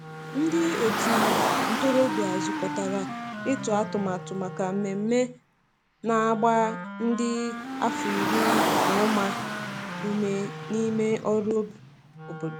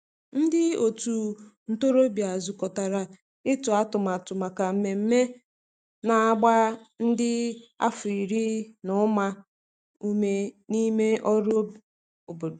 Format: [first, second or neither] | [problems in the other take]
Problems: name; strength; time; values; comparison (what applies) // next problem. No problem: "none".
second | background sound (Wind instrument, woodwind instrument + Car); 2 dB below the speech